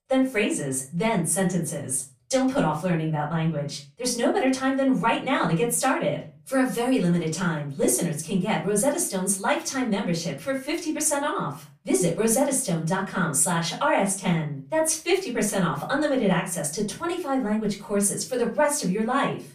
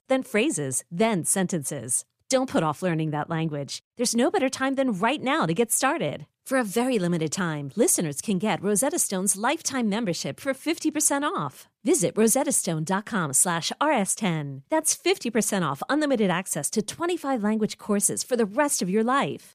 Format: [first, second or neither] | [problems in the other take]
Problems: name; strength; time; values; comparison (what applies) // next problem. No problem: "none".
second | off-mic speech; far // room echo; very slight; dies away in 0.3 s